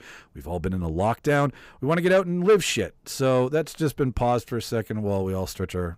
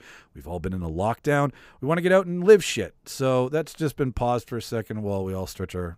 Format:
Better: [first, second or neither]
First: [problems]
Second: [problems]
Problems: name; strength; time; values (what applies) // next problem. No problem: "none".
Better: second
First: distortion; slight; 10 dB below the speech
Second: none